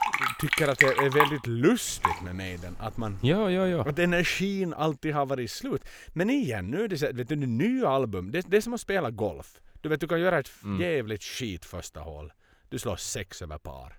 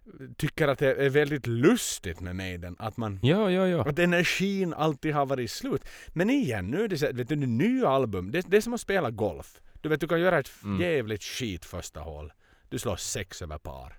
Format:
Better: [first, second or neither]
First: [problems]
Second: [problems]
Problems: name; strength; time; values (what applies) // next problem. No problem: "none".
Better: second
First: household noises; very loud; until 4.5 s; 2 dB above the speech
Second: none